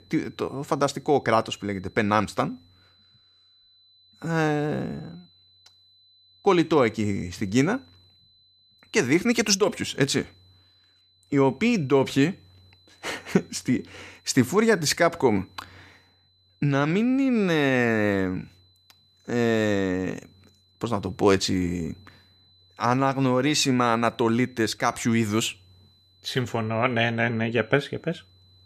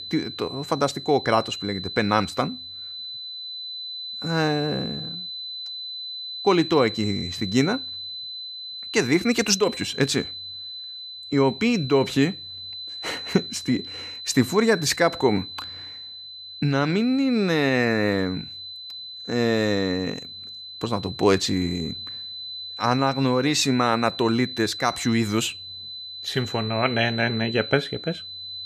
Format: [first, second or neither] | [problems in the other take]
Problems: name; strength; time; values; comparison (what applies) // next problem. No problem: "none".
first | high-pitched whine; loud; throughout; 4 kHz, 10 dB below the speech; faint in the first